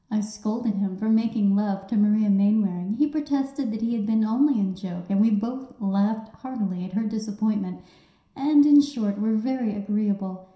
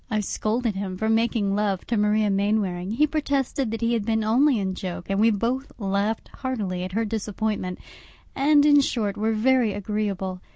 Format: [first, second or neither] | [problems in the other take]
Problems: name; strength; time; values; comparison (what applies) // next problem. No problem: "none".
second | room echo; dies away in 0.7 s